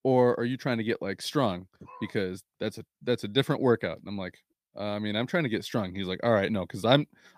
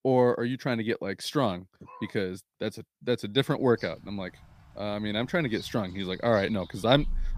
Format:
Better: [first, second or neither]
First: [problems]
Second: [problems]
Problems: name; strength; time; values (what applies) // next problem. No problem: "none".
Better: first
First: none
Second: animal sounds; noticeable; from 3.5 s on; 20 dB below the speech